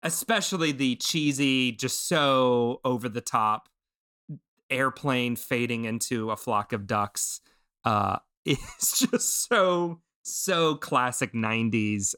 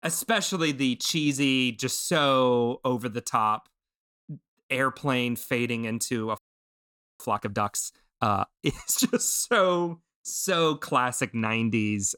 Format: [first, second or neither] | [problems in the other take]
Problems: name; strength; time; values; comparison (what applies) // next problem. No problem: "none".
first | audio freezing; at 6.5 s for 1 s